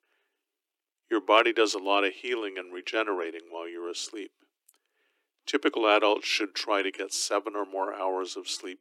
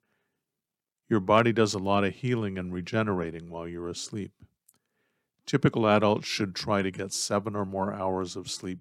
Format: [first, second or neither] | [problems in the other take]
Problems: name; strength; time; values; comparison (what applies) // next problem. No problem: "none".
second | thin; somewhat; fading below 300 Hz